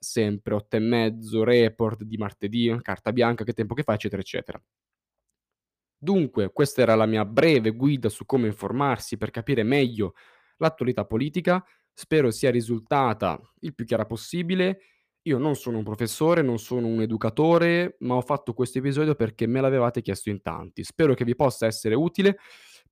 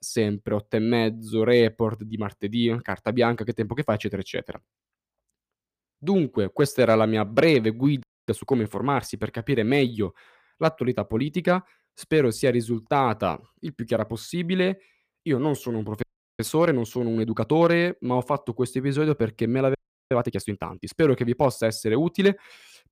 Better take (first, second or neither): first